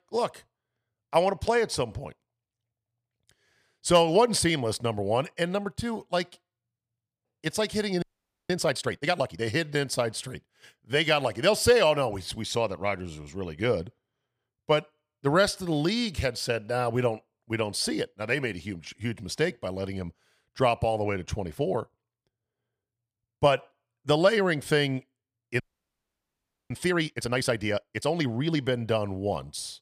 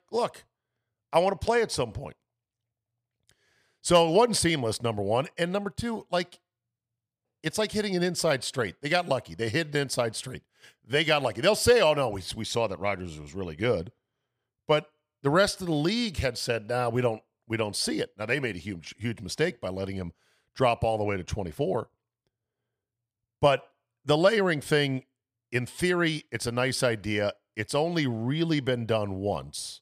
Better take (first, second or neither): second